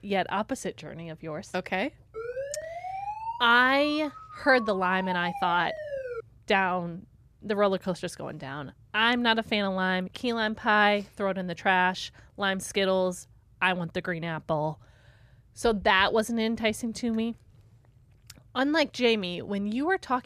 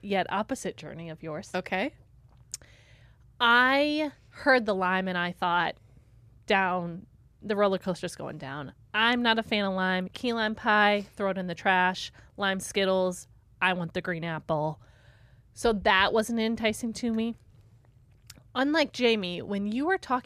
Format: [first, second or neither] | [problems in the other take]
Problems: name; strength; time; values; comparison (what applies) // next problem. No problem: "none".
second | siren; noticeable; from 2 to 6 s; peak 8 dB below the speech